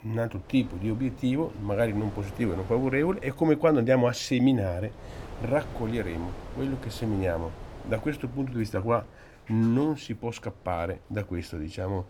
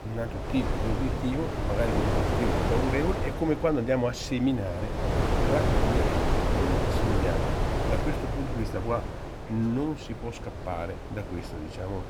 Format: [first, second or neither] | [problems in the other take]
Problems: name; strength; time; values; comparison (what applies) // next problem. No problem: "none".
first | wind noise on the microphone; heavy; 2 dB above the speech; occasional gusts in the first